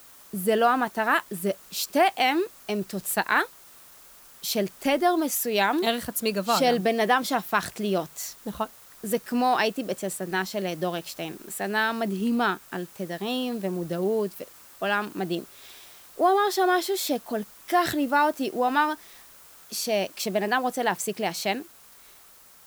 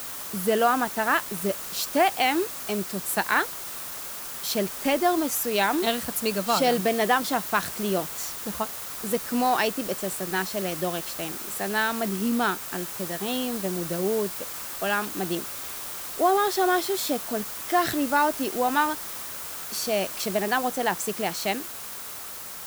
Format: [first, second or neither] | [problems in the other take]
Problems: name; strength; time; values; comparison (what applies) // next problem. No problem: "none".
first | hiss; loud; throughout; 6 dB below the speech; faint in the first